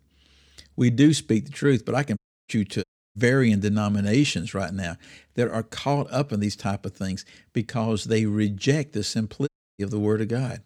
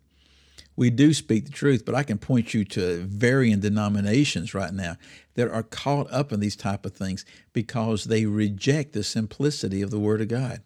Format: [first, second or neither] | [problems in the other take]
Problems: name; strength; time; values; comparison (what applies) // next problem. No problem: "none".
second | audio cutting out; at 2 s, at 3 s and at 9.5 s